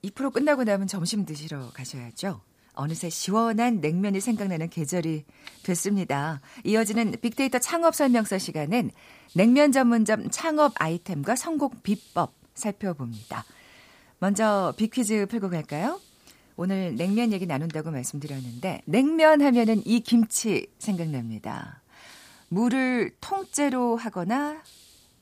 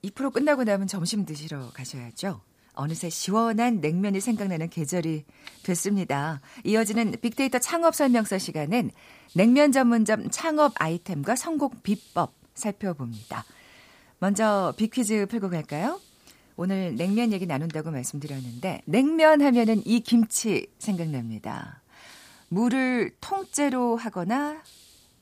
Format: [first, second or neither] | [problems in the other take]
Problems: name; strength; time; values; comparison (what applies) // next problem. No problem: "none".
neither | hiss; faint; throughout; 30 dB below the speech; the same in both